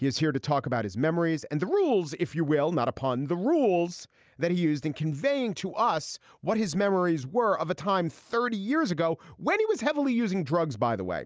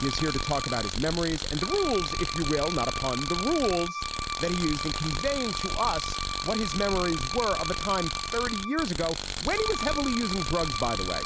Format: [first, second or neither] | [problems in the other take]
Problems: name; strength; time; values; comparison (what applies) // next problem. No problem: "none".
first | background sound (Bowed string instrument + Tools); 2 dB below the speech